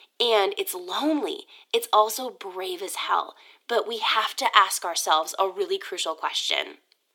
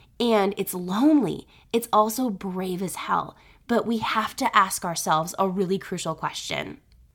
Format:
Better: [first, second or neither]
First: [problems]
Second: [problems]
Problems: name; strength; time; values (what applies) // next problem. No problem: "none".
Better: second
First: thin; somewhat; fading below 350 Hz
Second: none